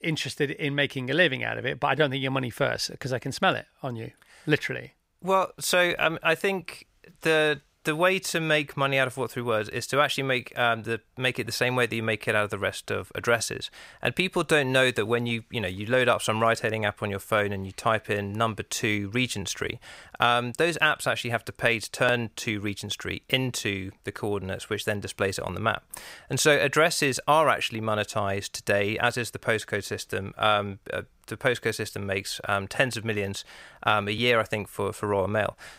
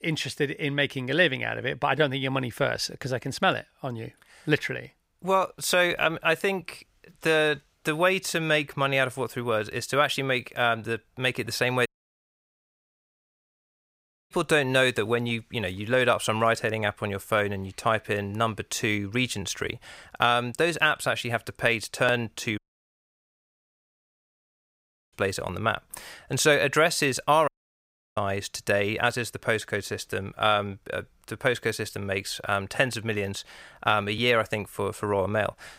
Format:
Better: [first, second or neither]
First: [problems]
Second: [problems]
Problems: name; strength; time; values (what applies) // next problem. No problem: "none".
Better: first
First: none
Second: audio cutting out; at 12 s for 2.5 s, at 23 s for 2.5 s and at 27 s for 0.5 s